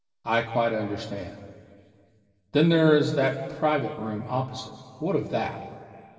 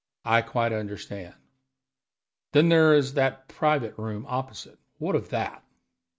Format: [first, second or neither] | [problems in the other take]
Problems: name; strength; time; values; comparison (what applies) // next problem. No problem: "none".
second | room echo; dies away in 2.6 s